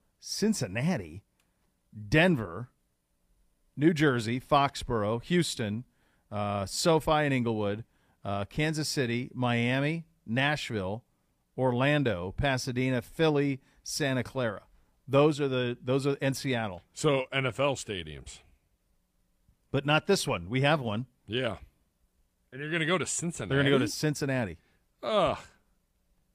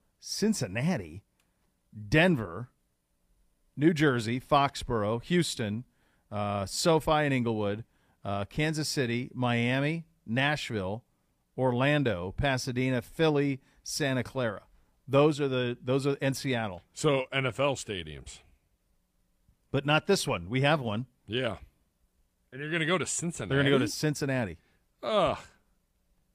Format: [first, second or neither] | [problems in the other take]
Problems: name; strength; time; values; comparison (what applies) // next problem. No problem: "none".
neither | none